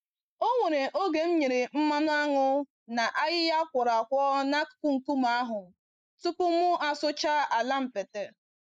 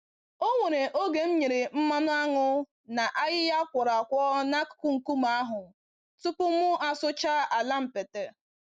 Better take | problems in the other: second | noise reduction (neural mask model Resemble Enhance denoiser)

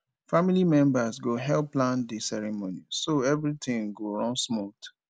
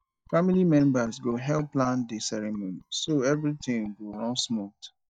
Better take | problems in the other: first | noise reduction (neural mask model DeepFilterNet 3)

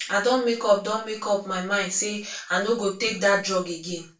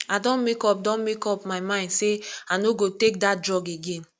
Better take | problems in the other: second | room echo; dies away in 0.3 s

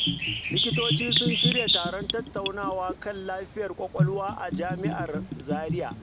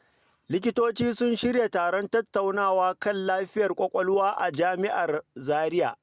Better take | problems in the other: second | background sound (Bathtub (filling or washing) / Gurgling + Bird); 4 dB above the speech

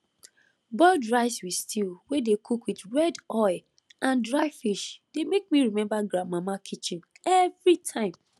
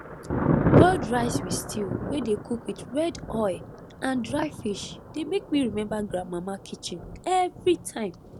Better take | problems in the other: first | background sound (Thunder); 1 dB below the speech

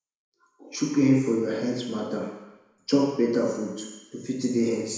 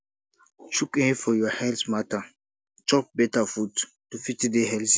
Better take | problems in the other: second | room echo; dies away in 1 s

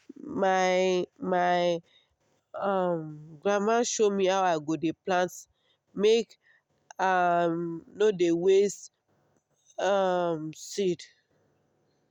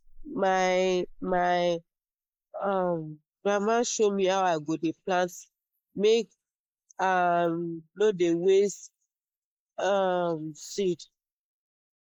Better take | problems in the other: first | noise reduction (neural mask model Resemble Enhance denoiser)

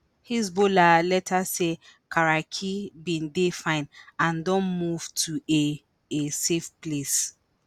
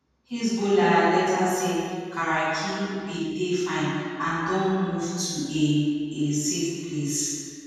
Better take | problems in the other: first | room echo; dies away in 2 s

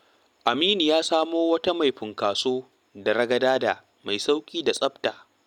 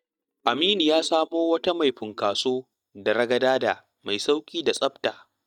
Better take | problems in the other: first | noise reduction (neural mask model DeepFilterNet 3)

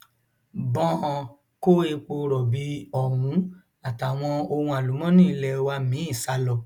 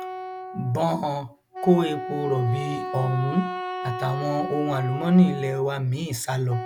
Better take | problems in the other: first | background sound (Wind instrument, woodwind instrument); 9 dB below the speech

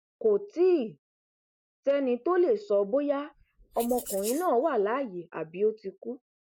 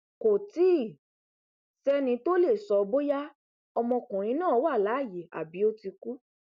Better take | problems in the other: second | noise reduction (neural mask model Resemble Enhance denoiser)

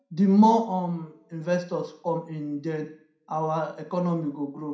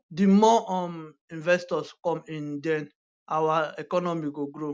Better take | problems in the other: second | room echo; dies away in 0.4 s

